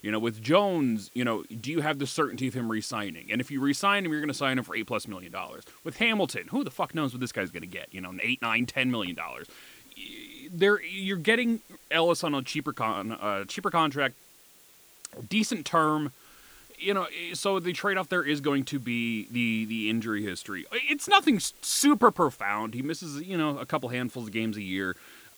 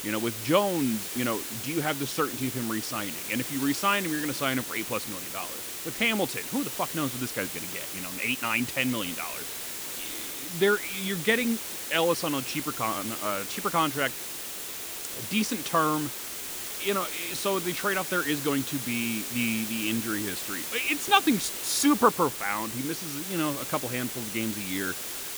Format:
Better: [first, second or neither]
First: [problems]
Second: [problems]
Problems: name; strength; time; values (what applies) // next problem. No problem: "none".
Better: first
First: hiss; faint; throughout; 25 dB below the speech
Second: hiss; loud; throughout; 5 dB below the speech